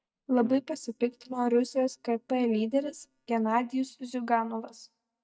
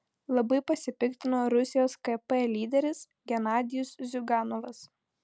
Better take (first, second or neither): second